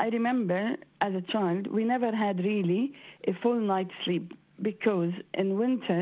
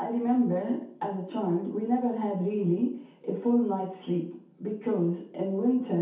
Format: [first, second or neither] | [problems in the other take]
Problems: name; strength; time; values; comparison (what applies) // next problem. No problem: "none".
first | room echo; dies away in 0.6 s